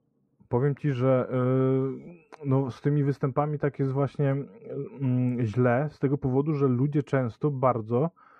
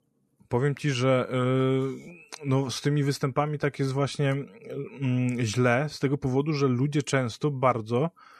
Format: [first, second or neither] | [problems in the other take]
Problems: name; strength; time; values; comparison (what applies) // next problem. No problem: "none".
second | muffled; very; fading above 2.5 kHz